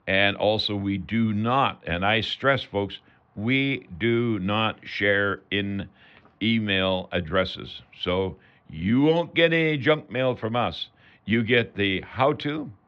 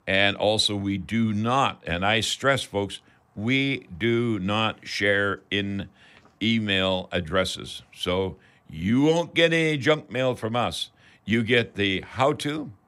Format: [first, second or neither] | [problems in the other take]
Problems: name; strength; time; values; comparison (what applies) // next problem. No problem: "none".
second | muffled; slightly; fading above 3.5 kHz